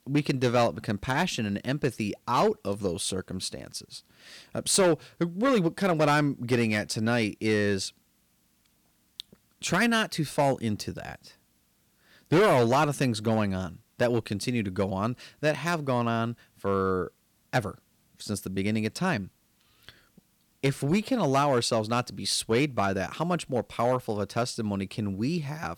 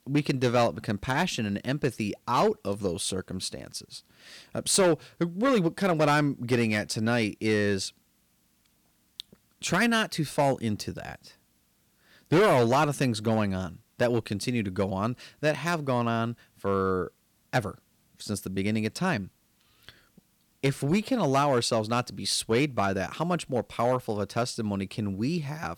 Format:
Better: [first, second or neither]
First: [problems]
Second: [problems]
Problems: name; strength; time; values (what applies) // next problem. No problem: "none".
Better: neither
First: distortion; slight; 3% of the sound clipped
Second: distortion; slight; 3% of the sound clipped